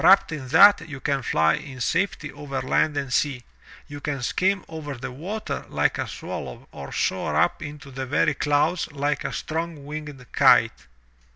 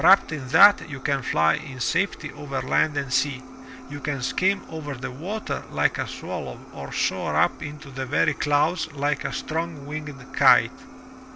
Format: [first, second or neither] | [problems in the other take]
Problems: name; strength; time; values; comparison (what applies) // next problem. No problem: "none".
first | background sound (Keyboard (musical) + Fire); 17 dB below the speech